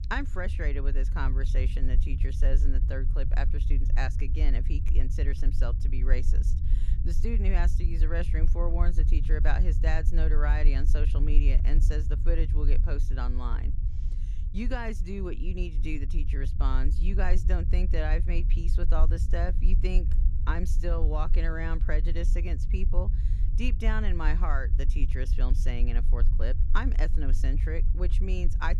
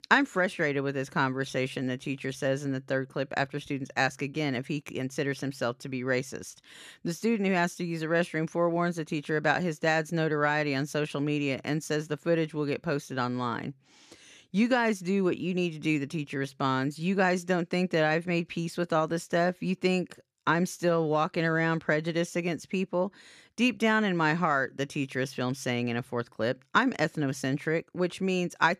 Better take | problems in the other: second | low rumble; noticeable; throughout; 10 dB below the speech

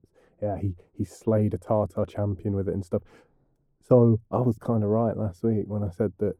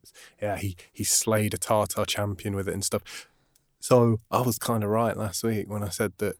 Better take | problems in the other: second | muffled; very; fading above 1.5 kHz

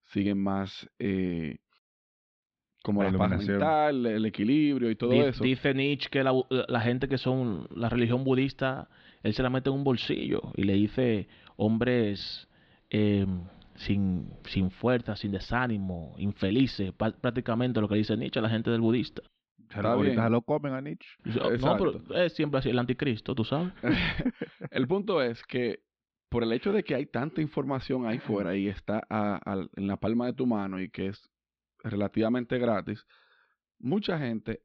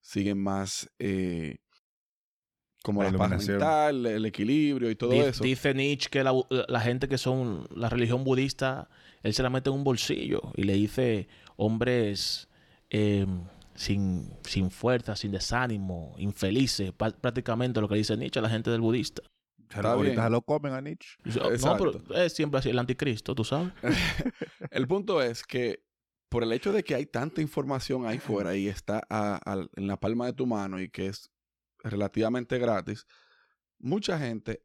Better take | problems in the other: second | muffled; slightly; fading above 4 kHz

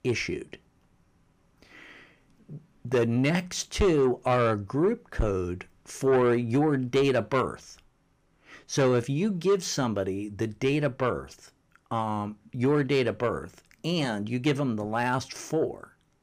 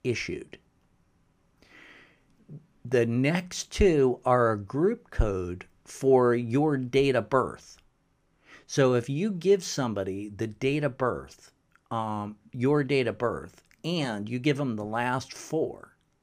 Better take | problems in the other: second | distortion; slight; 10 dB below the speech

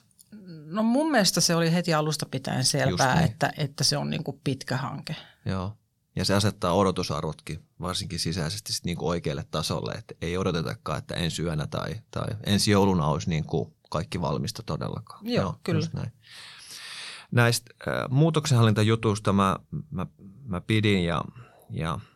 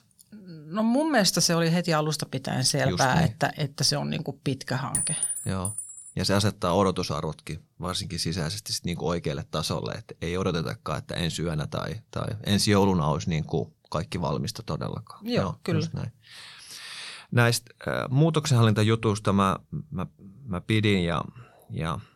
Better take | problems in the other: first | clattering dishes; loud; from 5 to 6 s; peak 2 dB above the speech

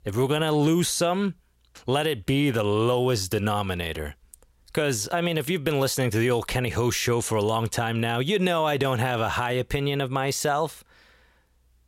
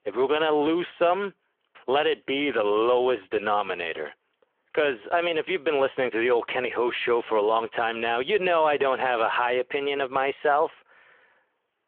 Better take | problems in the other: first | phone-call audio

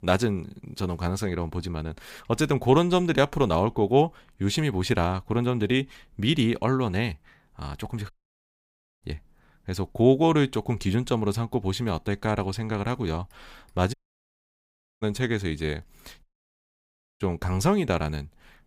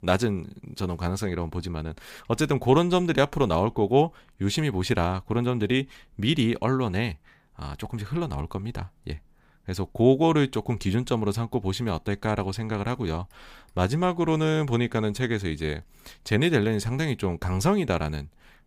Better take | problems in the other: second | audio cutting out; at 8 s for 1 s, at 14 s for 1 s and at 16 s for 1 s

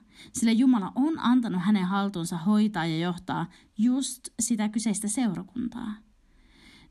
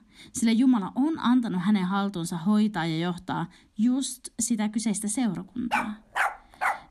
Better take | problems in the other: first | dog barking; noticeable; from 5.5 s on; peak 2 dB below the speech

